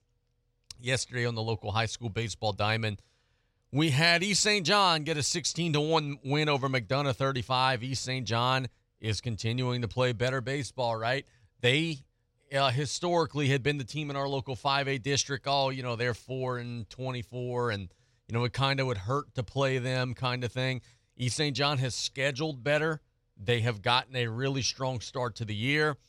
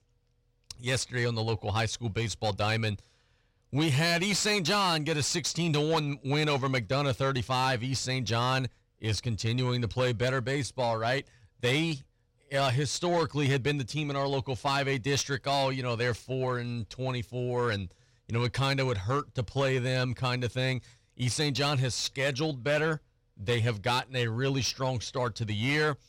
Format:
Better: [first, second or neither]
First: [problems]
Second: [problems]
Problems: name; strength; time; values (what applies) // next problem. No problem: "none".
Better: first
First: none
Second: distortion; slight; 10 dB below the speech